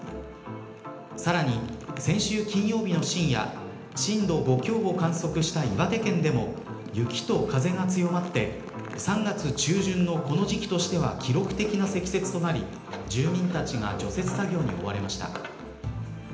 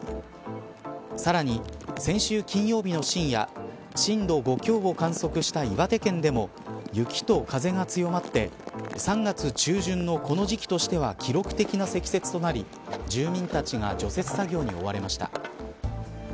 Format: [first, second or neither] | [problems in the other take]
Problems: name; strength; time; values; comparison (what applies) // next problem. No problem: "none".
second | room echo; dies away in 0.9 s